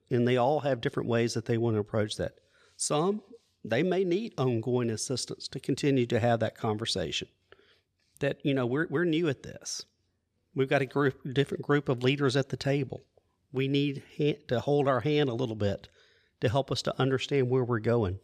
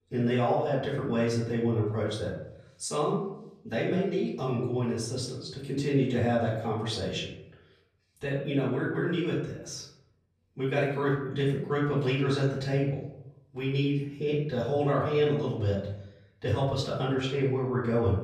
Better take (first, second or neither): first